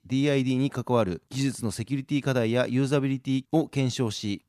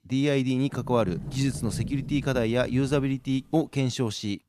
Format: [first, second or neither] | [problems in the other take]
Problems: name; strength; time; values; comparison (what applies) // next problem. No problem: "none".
first | door banging; noticeable; from 0.5 to 3 s; peak 7 dB below the speech